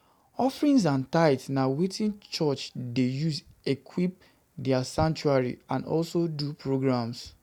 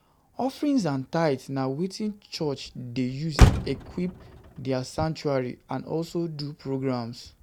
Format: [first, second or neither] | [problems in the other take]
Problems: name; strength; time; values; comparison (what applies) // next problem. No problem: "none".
first | background sound (Motor vehicle (road)); 1 dB below the speech